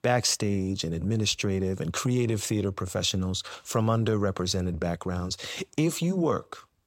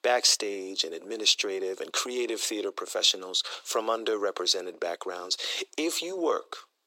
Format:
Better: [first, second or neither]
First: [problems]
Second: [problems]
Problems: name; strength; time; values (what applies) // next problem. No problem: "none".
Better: first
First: none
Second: thin; very; fading below 350 Hz